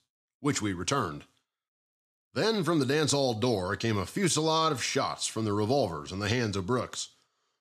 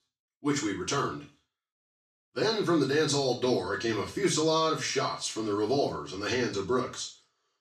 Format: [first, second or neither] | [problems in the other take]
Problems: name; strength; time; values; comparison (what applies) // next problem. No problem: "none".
first | room echo; slight; dies away in 0.3 s // off-mic speech; far